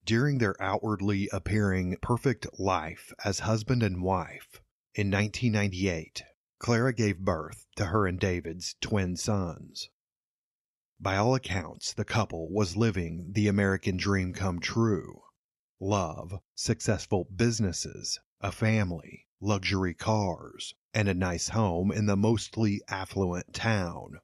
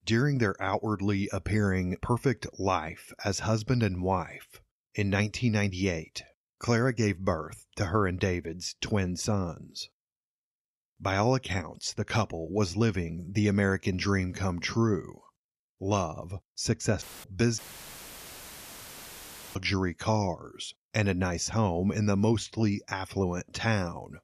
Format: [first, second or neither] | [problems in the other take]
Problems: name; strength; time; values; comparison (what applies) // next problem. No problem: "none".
first | audio cutting out; filled with static; at 17 s and at 18 s for 2 s